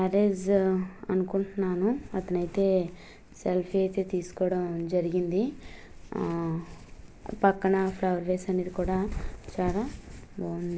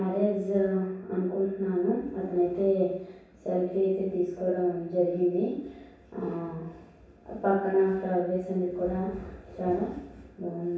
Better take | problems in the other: first | room echo; dies away in 0.7 s

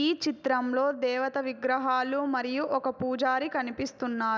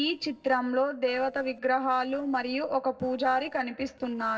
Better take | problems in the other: first | noise reduction (neural separator model SepFormer DNS4)

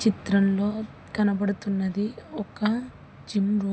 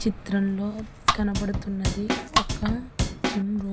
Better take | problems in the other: first | background sound (Domestic sounds, home sounds + Drum / Drum kit); as loud as the speech

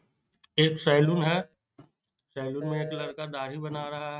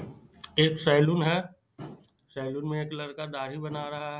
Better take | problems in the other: second | noise reduction (neural mask model RNNoise)

